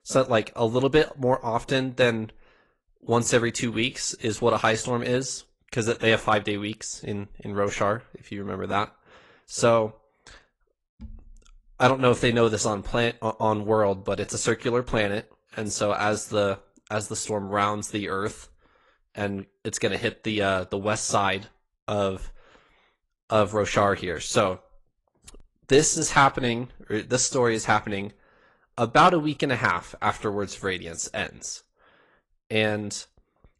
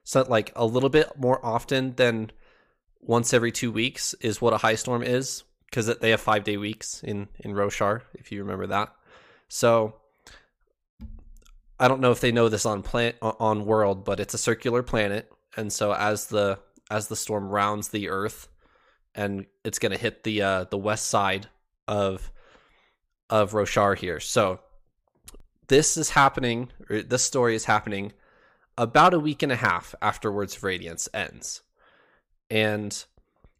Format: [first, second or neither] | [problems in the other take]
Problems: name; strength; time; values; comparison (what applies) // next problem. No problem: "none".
second | garbled, watery; slightly; nothing above 10.5 kHz